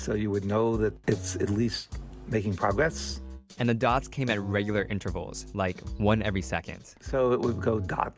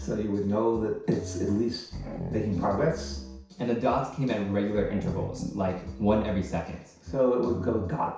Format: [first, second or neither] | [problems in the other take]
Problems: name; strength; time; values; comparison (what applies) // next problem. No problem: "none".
first | background sound (Growling); 11 dB below the speech // room echo; dies away in 0.6 s